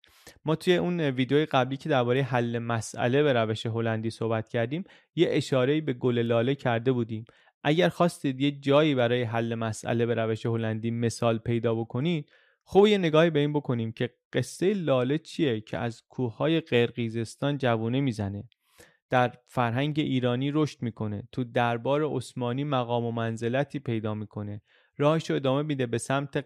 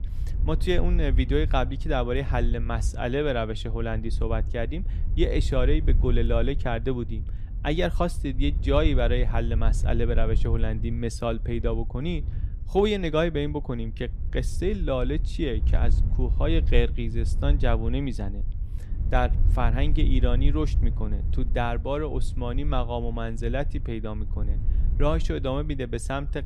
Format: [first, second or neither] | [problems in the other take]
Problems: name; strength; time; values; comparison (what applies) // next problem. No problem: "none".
first | wind noise on the microphone; occasional gusts; 15 dB below the speech